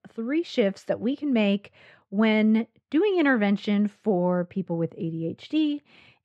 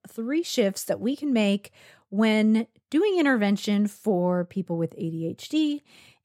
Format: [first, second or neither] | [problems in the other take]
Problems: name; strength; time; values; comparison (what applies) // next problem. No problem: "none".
second | muffled; slightly; fading above 2.5 kHz